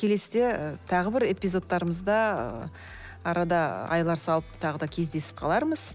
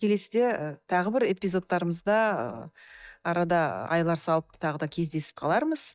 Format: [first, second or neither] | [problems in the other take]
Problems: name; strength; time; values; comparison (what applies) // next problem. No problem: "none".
first | noise reduction (neural mask model DeepFilterNet 3)